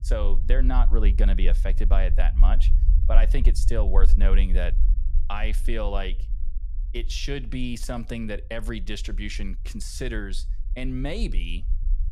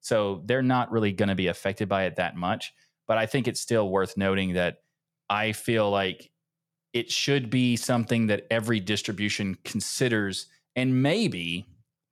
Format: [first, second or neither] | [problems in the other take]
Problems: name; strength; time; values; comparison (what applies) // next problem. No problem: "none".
second | low rumble; noticeable; throughout; 15 dB below the speech